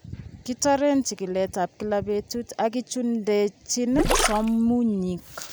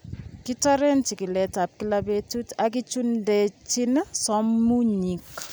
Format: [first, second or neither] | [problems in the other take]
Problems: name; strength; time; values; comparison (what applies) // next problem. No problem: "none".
second | background sound (Gurgling); 1 dB below the speech